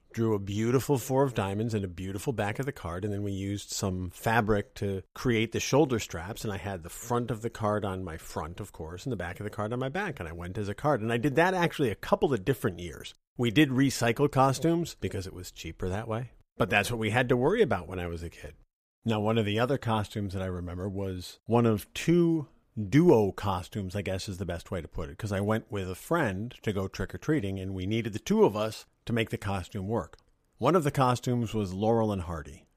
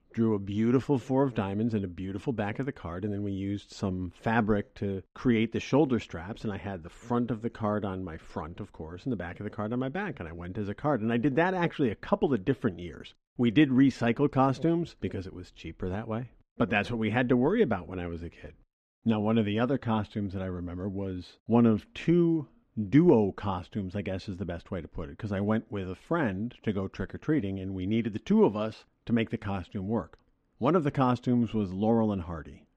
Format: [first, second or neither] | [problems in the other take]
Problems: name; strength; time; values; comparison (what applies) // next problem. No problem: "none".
first | muffled; slightly; fading above 3.5 kHz